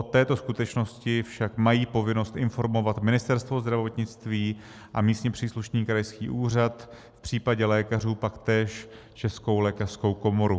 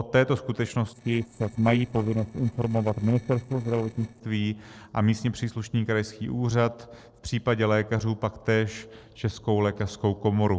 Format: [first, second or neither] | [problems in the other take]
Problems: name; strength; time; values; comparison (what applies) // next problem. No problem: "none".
first | noise reduction (neural separator model SepFormer DNS4)